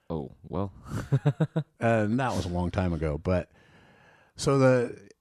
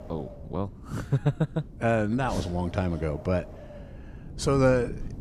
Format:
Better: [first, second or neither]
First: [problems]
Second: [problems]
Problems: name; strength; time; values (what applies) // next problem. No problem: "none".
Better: first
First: none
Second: wind noise on the microphone; occasional gusts; 20 dB below the speech